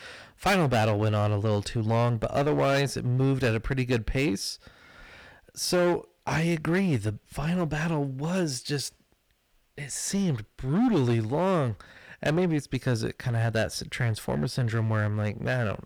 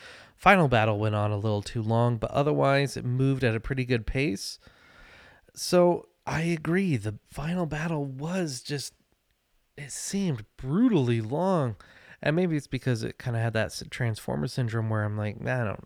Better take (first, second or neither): second